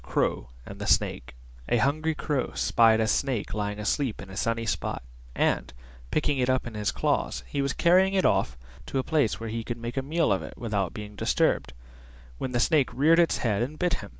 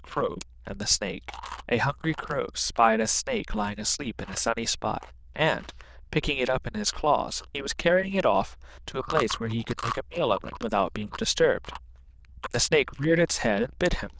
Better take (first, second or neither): first